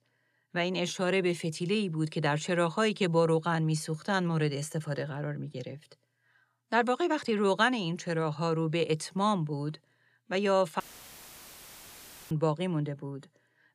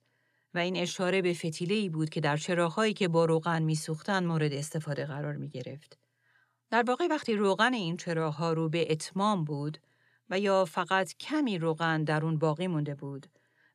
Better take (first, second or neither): second